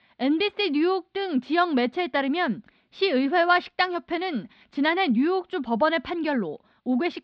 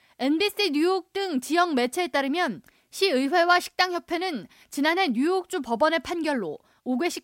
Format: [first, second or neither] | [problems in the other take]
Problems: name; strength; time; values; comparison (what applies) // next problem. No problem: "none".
second | muffled; very slightly; fading above 4 kHz